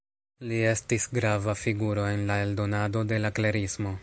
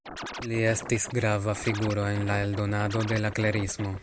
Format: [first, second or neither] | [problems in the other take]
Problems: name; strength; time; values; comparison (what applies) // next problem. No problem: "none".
first | background sound (Scratching (performance technique)); 12 dB below the speech